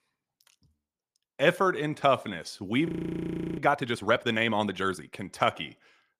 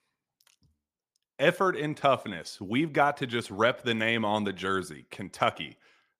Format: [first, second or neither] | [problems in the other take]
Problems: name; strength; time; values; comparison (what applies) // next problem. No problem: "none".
second | audio freezing; at 3 s for 0.5 s